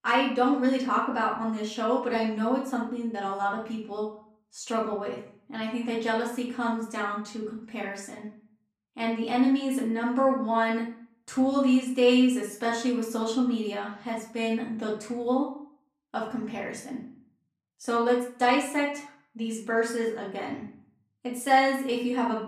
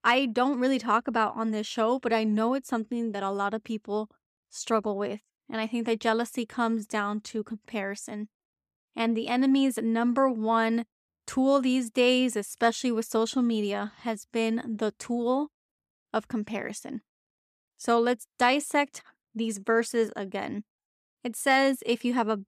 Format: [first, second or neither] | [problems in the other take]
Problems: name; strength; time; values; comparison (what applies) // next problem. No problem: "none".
second | off-mic speech; far // room echo; slight; dies away in 0.5 s